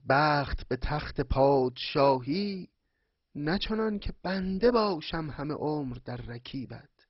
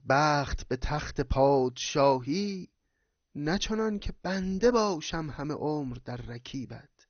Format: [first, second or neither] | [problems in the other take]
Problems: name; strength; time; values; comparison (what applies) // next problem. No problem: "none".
second | garbled, watery; badly; nothing above 5.5 kHz; slightly in the second